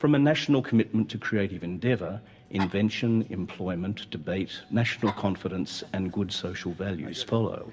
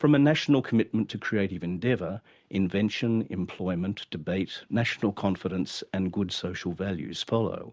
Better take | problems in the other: second | background sound (Dog); 20 dB below the speech // room echo; dies away in 1.9 s

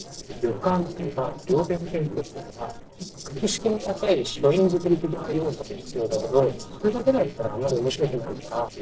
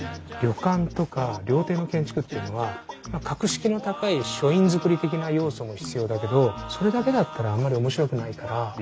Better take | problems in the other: second | noise reduction (neural separator model SepFormer DNS4)

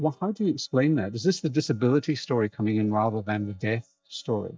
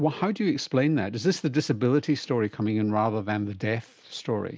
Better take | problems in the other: second | noise reduction (neural mask model DeepFilterNet 3)

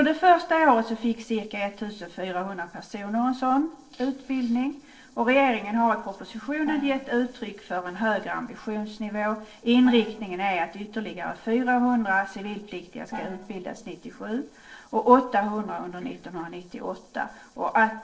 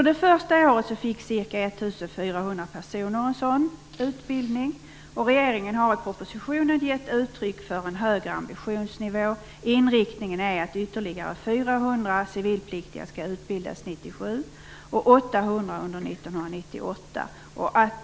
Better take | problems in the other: second | noise reduction (neural separator model SepFormer DNS4)

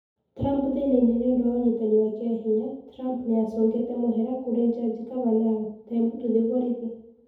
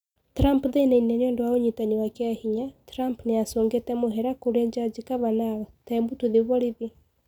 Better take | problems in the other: second | room echo; dies away in 0.8 s

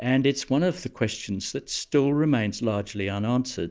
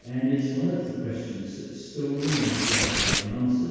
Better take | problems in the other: first | background sound (Tearing); 4 dB below the speech // room echo; dies away in 2 s

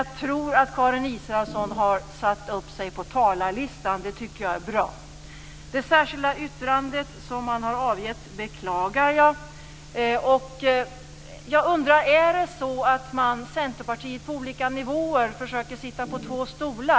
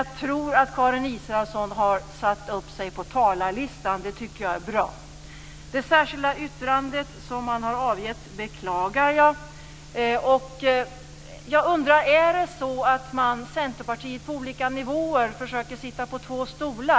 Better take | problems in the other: second | background sound (Organ); 12 dB below the speech

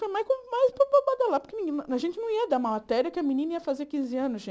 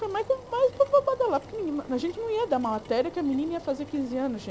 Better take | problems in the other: first | background sound (Engine); 18 dB below the speech

